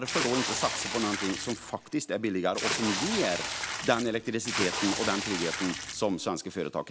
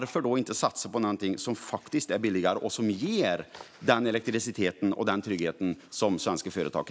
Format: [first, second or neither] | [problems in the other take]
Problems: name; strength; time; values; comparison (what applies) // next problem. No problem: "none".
second | background sound (Water / Splash, splatter); 3 dB below the speech